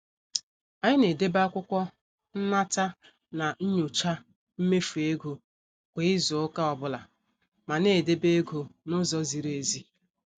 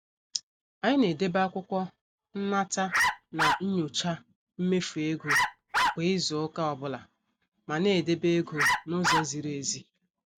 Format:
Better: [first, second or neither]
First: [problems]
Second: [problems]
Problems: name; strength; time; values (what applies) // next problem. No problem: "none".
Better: first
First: none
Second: background sound (Bark); 2 dB above the speech